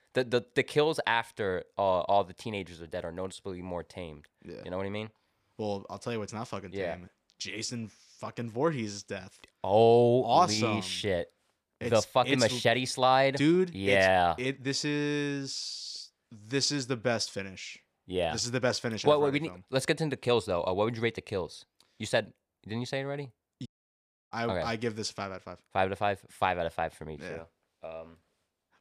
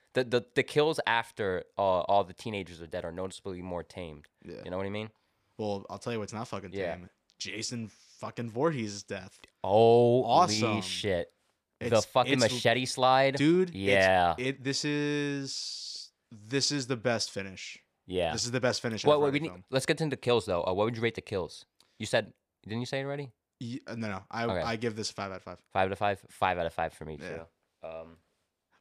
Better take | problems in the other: second | audio cutting out; at 24 s for 0.5 s

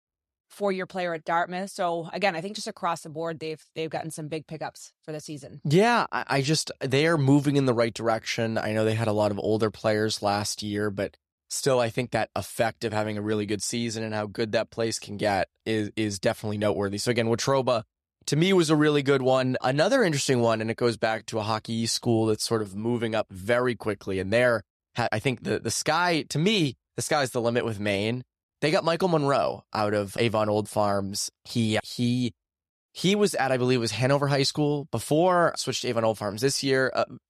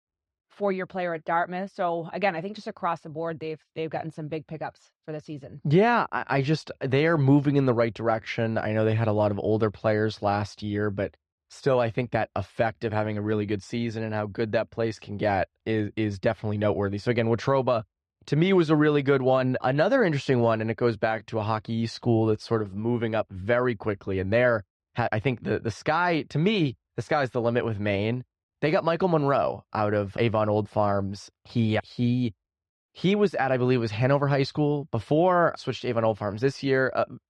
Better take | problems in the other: first | muffled; slightly; fading above 2.5 kHz

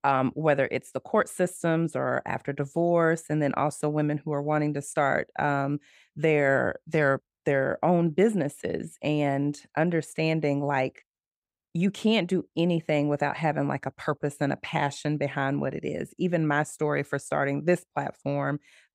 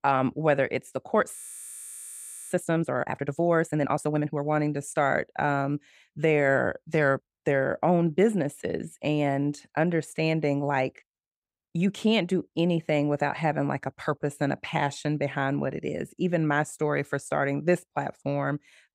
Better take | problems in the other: first | audio freezing; at 1.5 s for 1 s

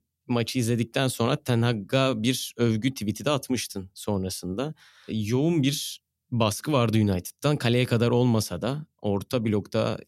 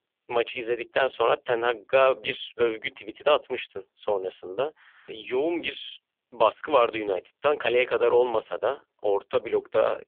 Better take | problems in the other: first | phone-call audio; poor line; nothing above 3.5 kHz

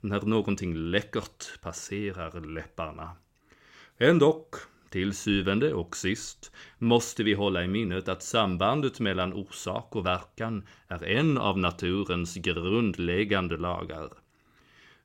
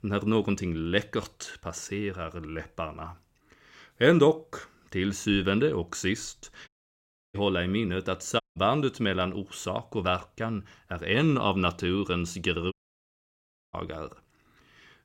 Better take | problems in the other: first | audio cutting out; at 6.5 s for 0.5 s, at 8.5 s and at 13 s for 1 s

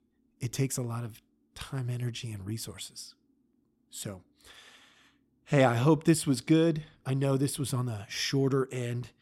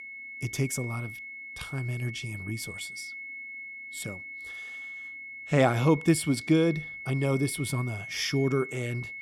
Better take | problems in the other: first | high-pitched whine; loud; throughout; 2 kHz, 10 dB below the speech

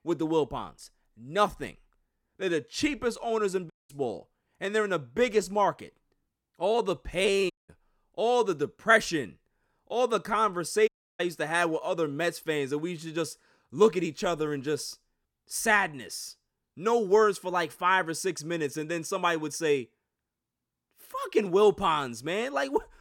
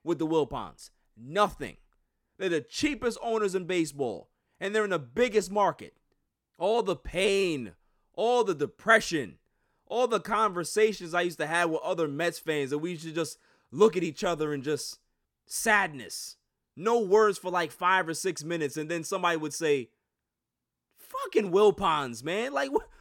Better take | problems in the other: second | audio cutting out; at 3.5 s, at 7.5 s and at 11 s

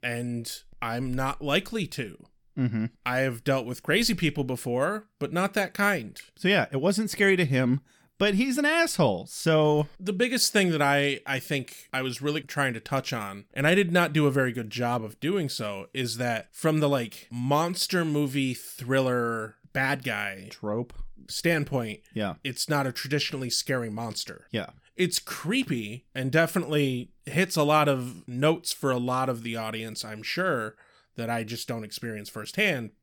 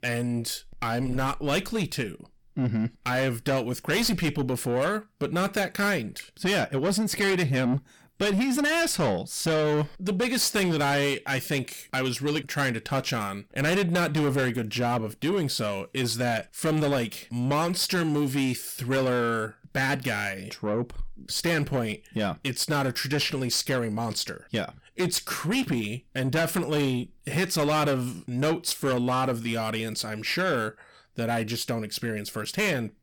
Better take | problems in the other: first | distortion; heavy; 7 dB below the speech

